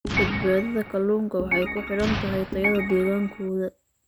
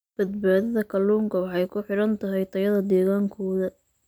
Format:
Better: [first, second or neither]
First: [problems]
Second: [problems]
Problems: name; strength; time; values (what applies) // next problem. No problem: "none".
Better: second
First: background sound (Organ + Explosion); 5 dB below the speech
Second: none